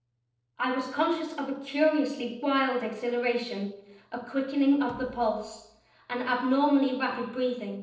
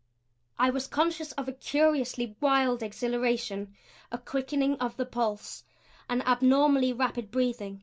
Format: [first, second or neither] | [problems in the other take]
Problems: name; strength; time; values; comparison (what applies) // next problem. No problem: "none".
second | noise reduction (neural separator model SepFormer DNS4)